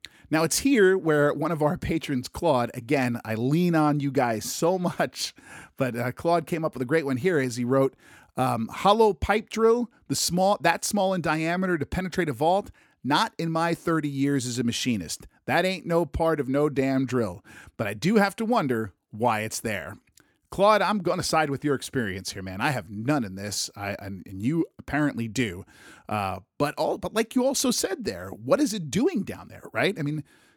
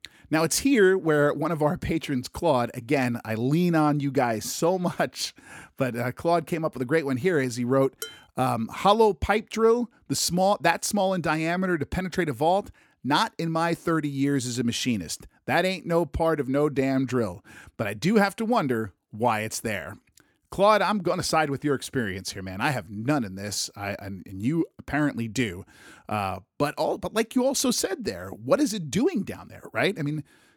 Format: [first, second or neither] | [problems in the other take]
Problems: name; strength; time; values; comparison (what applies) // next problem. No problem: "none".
first | clattering dishes; faint; at 8 s; peak 15 dB below the speech